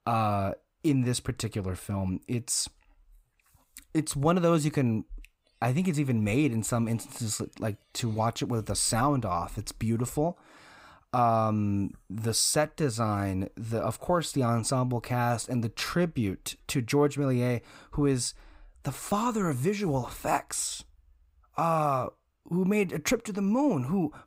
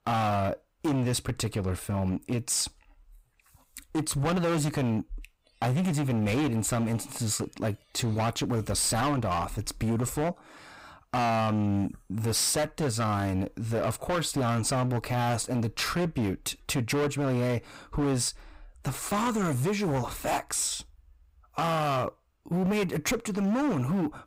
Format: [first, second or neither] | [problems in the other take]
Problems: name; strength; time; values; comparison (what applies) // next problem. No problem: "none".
first | distortion; heavy; 19% of the sound clipped